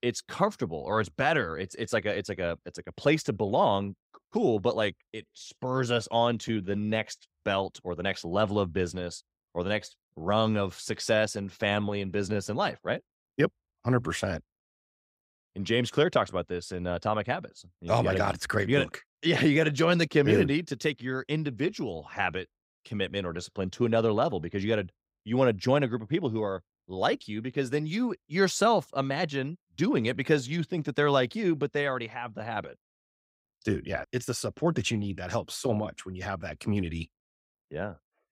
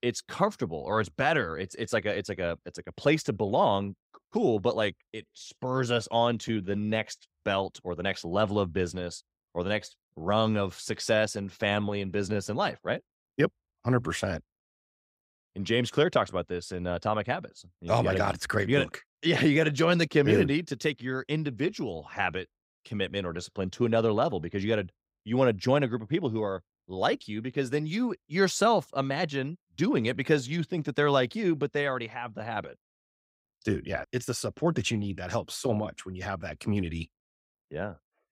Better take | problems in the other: neither | none

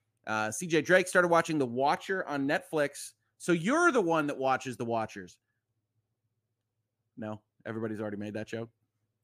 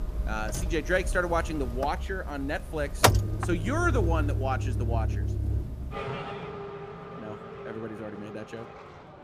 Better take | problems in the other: first | traffic noise; very loud; throughout; 1 dB above the speech

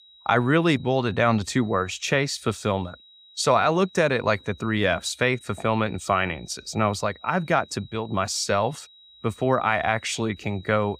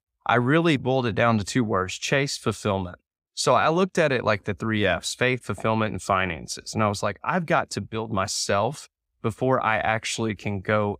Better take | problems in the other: second | high-pitched whine; faint; throughout; 4 kHz, 25 dB below the speech

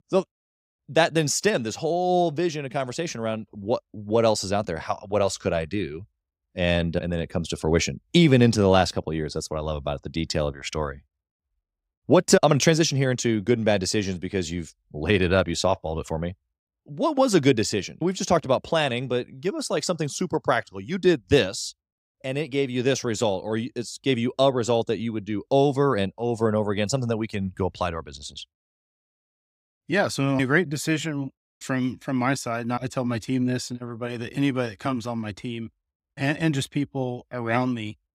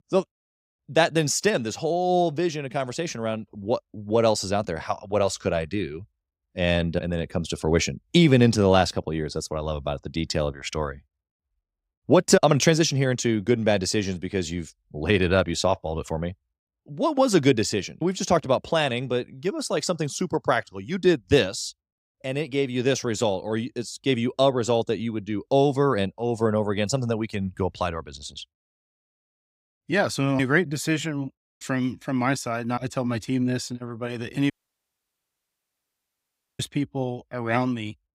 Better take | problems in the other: first | audio cutting out; at 35 s for 2 s

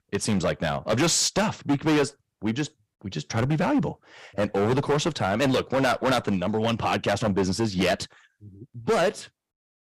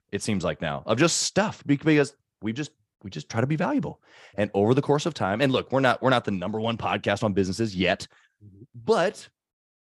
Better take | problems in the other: second | distortion; heavy; 10% of the sound clipped

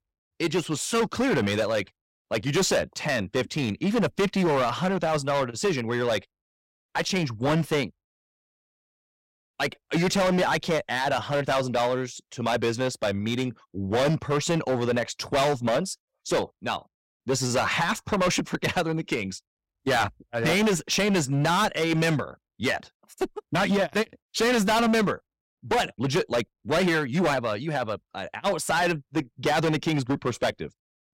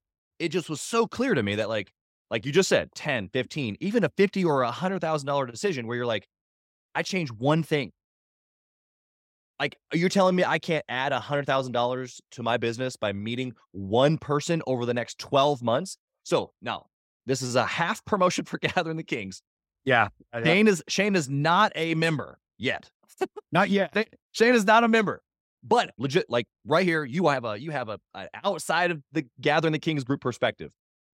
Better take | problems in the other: second | distortion; heavy; 13% of the sound clipped

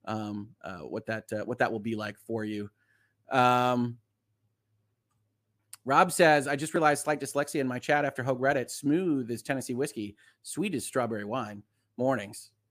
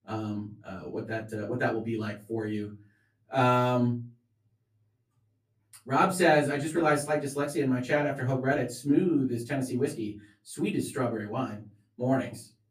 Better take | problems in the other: first | off-mic speech; far // room echo; very slight; dies away in 0.3 s

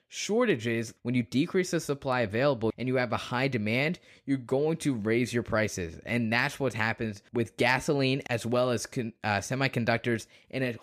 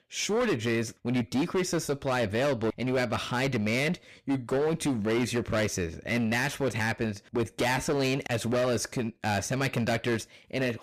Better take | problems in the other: first | distortion; heavy; 17% of the sound clipped

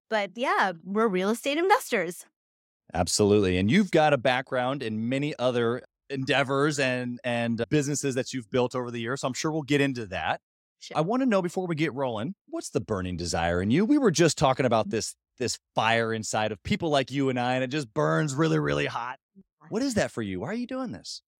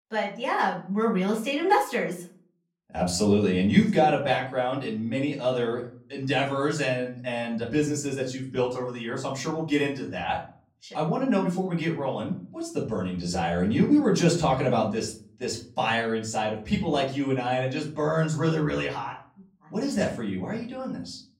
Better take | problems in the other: first | off-mic speech; far // room echo; slight; dies away in 0.4 s

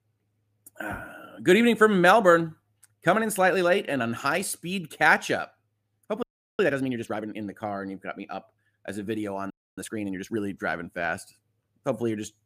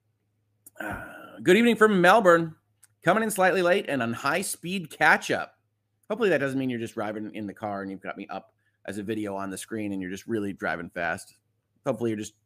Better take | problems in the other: second | audio freezing; at 6 s and at 9.5 s

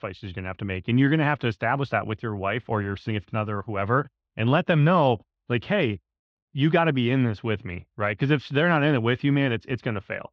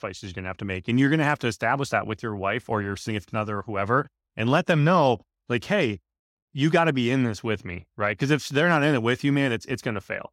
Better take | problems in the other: second | muffled; slightly; fading above 3.5 kHz

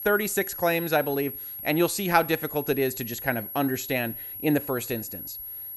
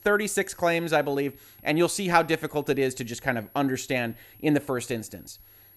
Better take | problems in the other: second | high-pitched whine; loud; throughout; 11.5 kHz, 8 dB below the speech; faint in the second

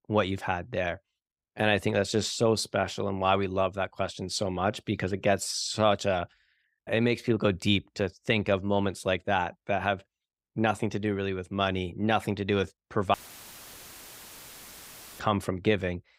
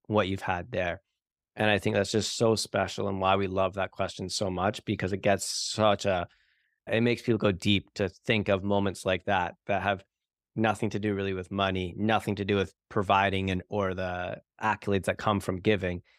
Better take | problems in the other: second | audio cutting out; filled with static; at 13 s for 2 s

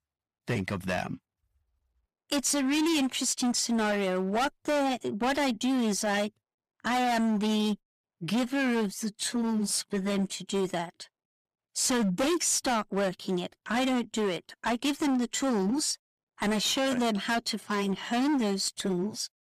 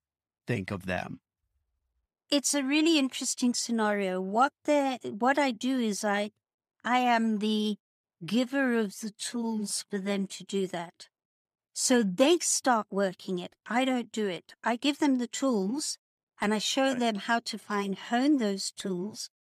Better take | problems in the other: second | distortion; heavy; 18% of the sound clipped

